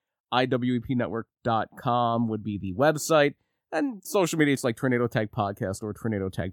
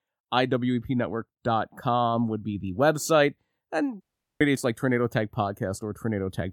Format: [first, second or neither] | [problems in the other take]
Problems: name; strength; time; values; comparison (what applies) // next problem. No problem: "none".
first | audio cutting out; at 4 s